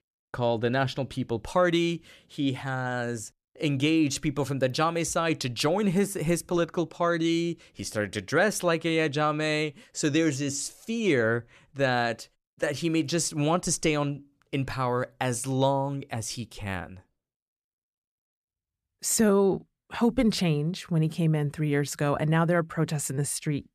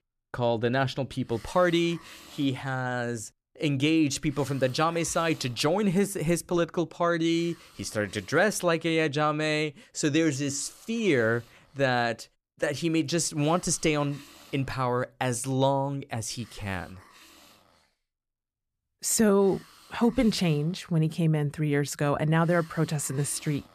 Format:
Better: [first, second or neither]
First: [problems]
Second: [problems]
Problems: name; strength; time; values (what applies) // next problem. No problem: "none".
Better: first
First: none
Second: hiss; faint; throughout; 25 dB below the speech